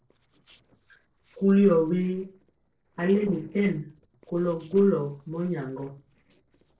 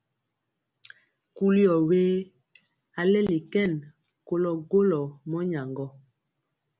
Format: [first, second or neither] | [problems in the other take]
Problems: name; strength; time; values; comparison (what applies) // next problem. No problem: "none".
second | noise reduction (neural separator model SepFormer DNS4)